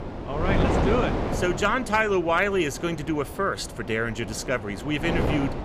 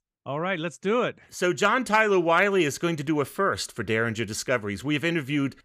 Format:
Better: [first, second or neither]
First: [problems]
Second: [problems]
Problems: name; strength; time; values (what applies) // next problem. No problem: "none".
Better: second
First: wind noise on the microphone; heavy; 5 dB below the speech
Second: none